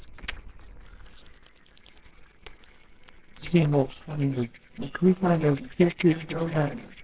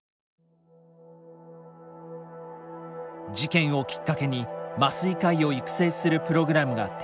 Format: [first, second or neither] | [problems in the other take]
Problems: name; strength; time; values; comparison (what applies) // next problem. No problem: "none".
second | noise reduction (neural separator model SepFormer WHAMR!)